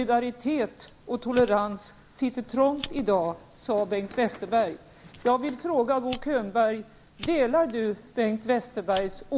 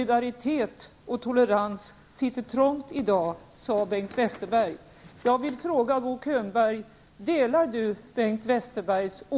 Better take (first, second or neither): second